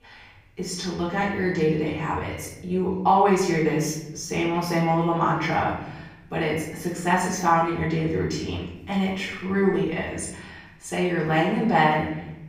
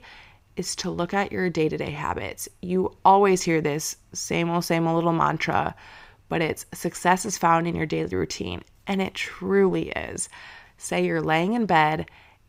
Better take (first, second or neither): second